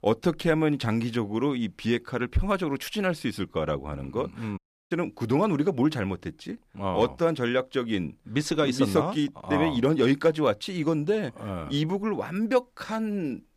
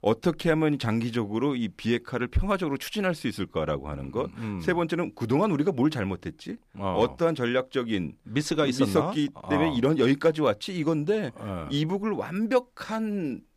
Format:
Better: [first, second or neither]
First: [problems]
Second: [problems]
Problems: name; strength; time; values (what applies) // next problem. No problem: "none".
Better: second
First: audio cutting out; at 4.5 s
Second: none